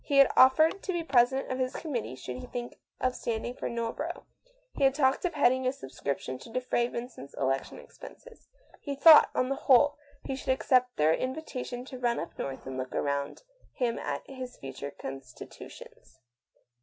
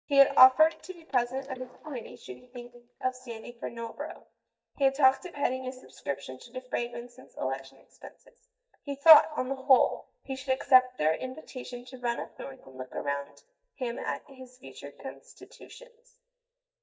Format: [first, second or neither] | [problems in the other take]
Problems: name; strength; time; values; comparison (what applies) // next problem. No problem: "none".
first | noise reduction (neural mask model DeepFilterNet 3)